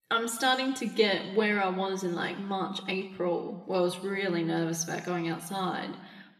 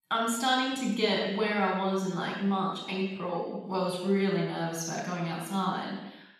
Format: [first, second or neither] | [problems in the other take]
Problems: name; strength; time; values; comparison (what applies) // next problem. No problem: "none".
first | room echo; strong; dies away in 0.9 s; slight in the first // off-mic speech; far